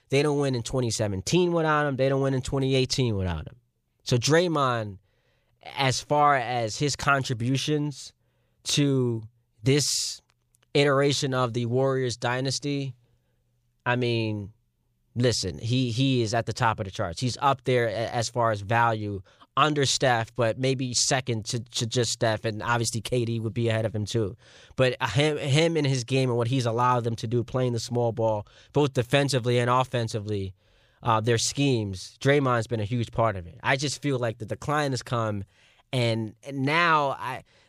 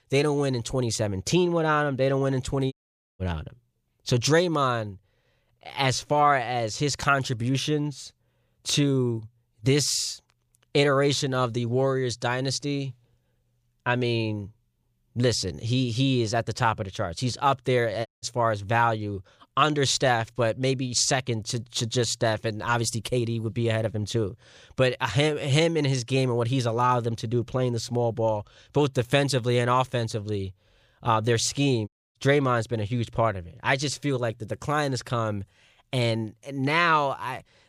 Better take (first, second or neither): first